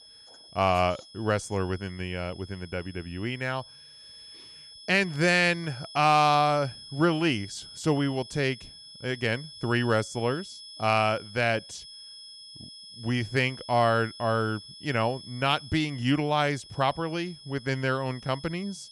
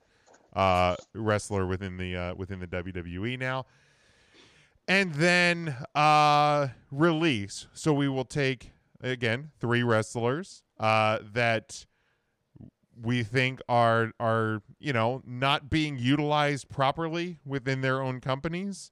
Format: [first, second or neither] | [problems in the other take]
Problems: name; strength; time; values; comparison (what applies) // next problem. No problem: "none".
second | high-pitched whine; noticeable; throughout; 5 kHz, 15 dB below the speech